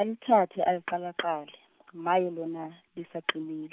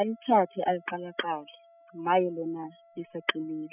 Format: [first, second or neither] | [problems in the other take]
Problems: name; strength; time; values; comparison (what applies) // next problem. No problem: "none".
first | noise reduction (classical method spectral subtraction)